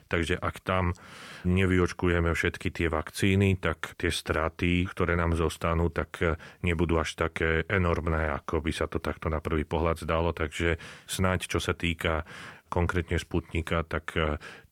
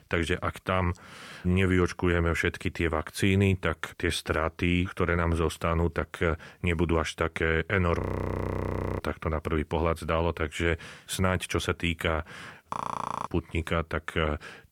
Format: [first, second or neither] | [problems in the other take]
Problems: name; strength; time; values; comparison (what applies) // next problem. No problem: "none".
first | audio freezing; at 8 s for 1 s and at 13 s for 0.5 s